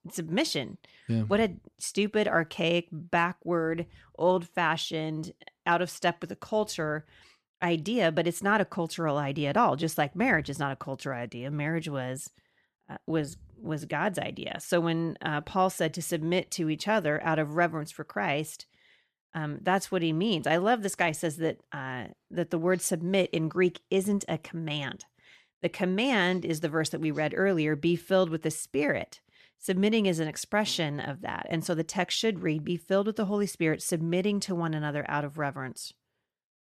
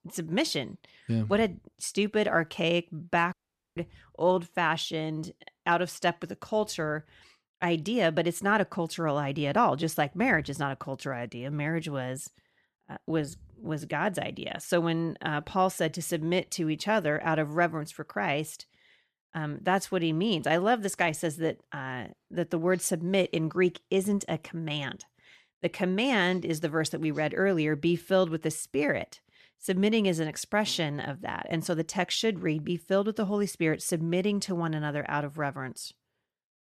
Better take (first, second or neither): first